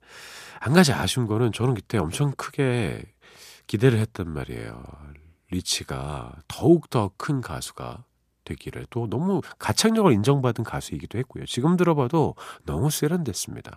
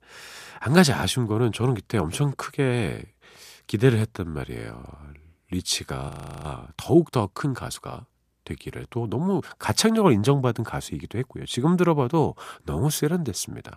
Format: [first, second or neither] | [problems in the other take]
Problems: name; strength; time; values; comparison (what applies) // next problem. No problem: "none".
first | audio freezing; at 6 s